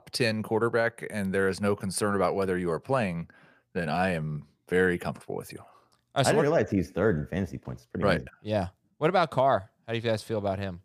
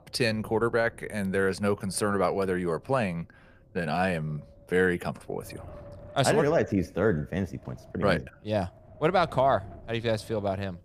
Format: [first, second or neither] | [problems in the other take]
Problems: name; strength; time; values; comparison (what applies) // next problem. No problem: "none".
first | wind noise on the microphone; occasional gusts; 25 dB below the speech